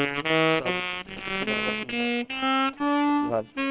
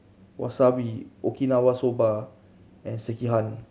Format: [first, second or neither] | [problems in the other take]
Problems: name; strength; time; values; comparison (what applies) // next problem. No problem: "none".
second | noise reduction (neural separator model SepFormer WHAM!)